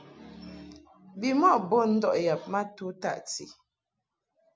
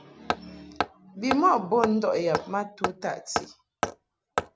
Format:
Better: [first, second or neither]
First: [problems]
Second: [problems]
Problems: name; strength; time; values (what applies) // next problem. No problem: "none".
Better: first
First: none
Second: background sound (Hammer); 5 dB below the speech